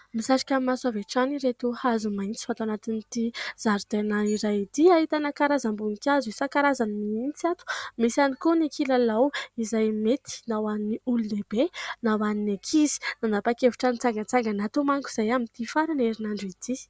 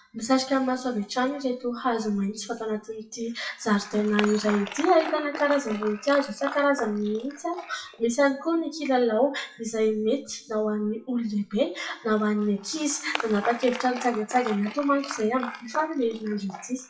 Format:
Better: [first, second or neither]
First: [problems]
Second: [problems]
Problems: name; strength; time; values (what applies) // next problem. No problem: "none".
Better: first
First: none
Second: noise reduction (classical method WPE with log-MMSE)